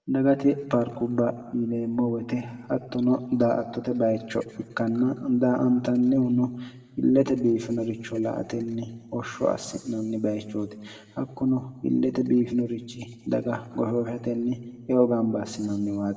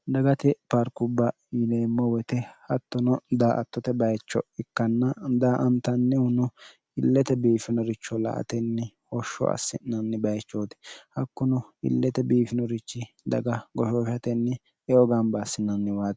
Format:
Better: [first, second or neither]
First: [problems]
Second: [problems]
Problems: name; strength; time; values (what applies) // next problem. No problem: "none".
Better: second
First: room echo; dies away in 1.6 s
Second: none